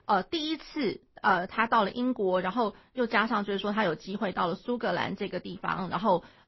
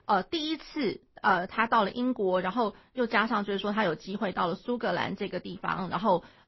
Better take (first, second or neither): neither